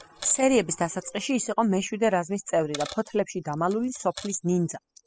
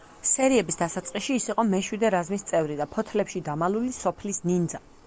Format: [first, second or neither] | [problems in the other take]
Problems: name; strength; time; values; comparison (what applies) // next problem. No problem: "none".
second | noise reduction (classical method spectral subtraction)